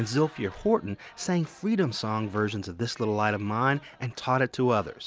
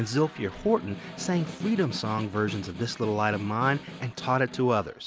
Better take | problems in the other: first | background sound (Snare drum); 14 dB below the speech

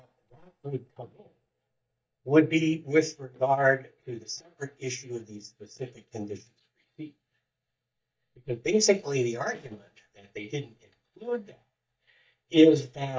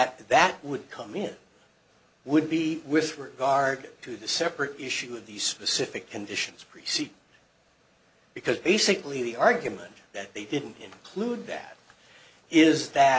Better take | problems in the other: second | noise reduction (neural mask model DeepFilterNet 3)

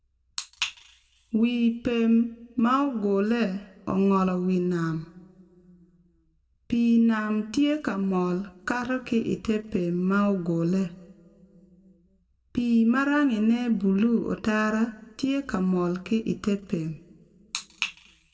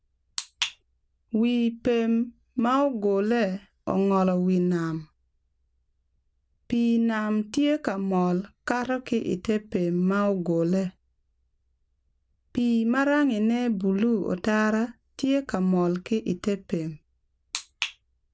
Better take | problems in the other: second | room echo; dies away in 1 s

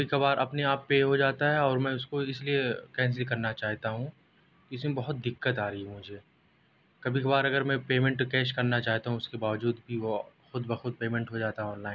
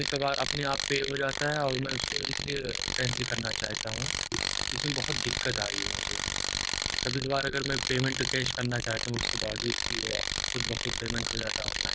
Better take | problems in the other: first | noise reduction (neural diffusion model UNIVERSE++)

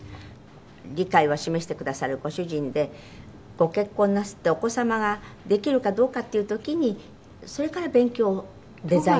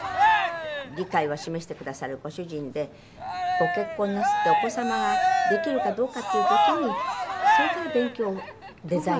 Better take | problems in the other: first | background sound (Cheering); 4 dB above the speech

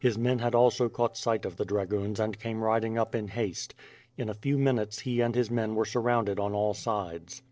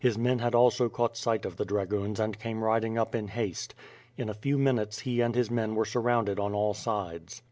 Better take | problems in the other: second | noise reduction (neural separator model SepFormer DNS4)

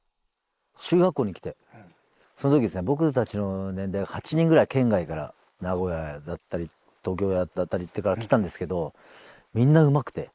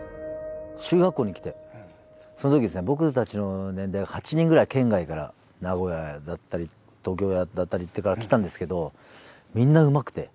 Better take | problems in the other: second | noise reduction (neural mask model Resemble Enhance denoiser)

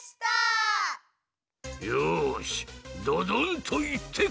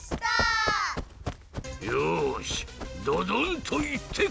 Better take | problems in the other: first | background sound (Run); 9 dB below the speech

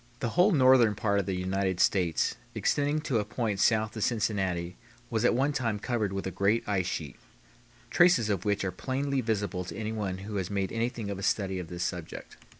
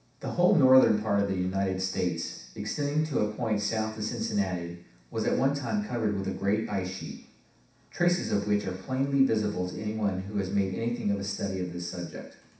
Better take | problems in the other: first | room echo; dies away in 0.7 s

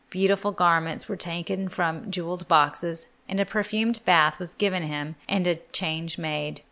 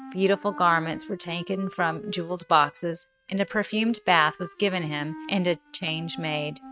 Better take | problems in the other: first | noise reduction (neural mask model RNNoise)

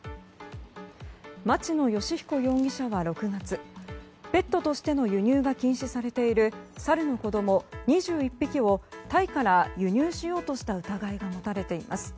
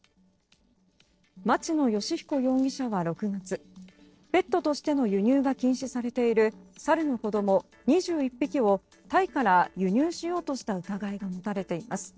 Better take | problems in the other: first | noise reduction (neural separator model SepFormer DNS4)

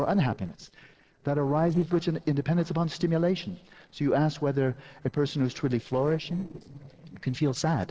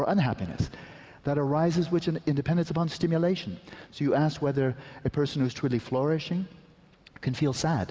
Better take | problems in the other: second | noise reduction (neural separator model SepFormer DNS4)

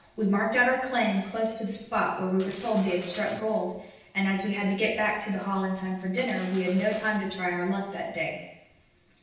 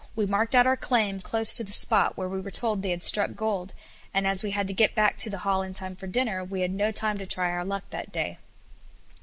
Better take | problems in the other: second | background sound (Mechanisms); 17 dB below the speech // room echo; dies away in 0.9 s

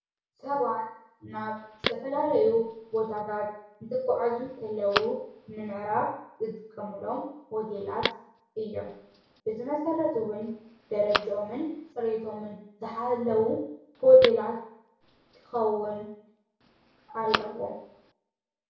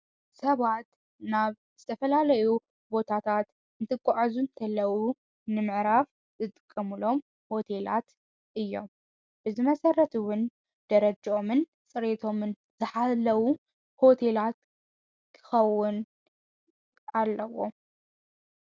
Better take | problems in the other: second | background sound (Telephone); 11 dB below the speech // room echo; dies away in 0.6 s

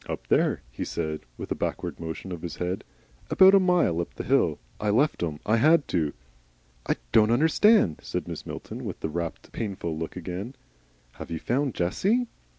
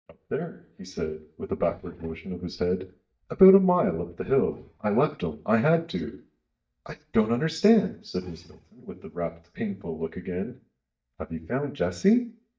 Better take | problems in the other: first | noise reduction (neural mask model DeepFilterNet 3)

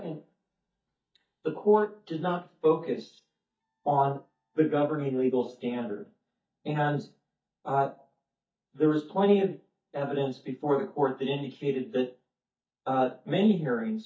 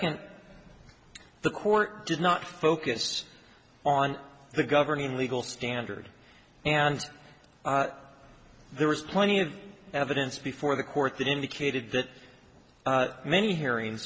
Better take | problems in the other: second | noise reduction (neural mask model DeepFilterNet 3)

